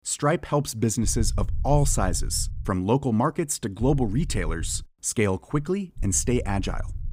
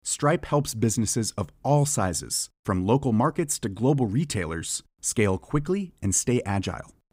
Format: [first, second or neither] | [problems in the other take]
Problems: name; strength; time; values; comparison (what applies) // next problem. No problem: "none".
second | low rumble; faint; from 1 to 2.5 s, from 4 to 5 s and from 6 s on; 25 dB below the speech